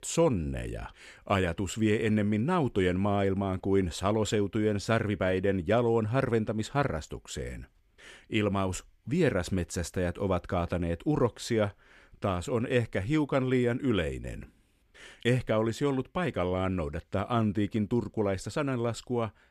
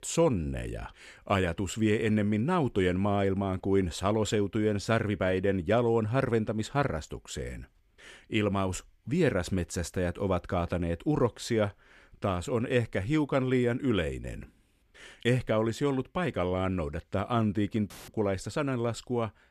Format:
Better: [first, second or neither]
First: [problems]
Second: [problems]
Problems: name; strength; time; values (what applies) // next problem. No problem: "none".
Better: first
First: none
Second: audio cutting out; filled with static; at 18 s